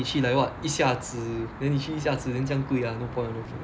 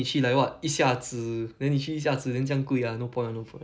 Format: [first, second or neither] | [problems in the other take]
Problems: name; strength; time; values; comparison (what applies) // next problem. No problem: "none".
second | background sound (Traffic noise, roadway noise); 12 dB below the speech